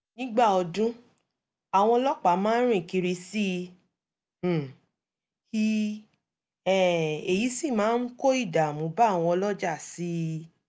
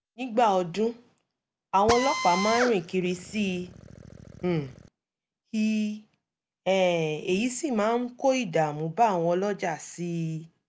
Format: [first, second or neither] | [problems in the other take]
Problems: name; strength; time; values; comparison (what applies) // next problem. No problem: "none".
first | background sound (Drill); 7 dB below the speech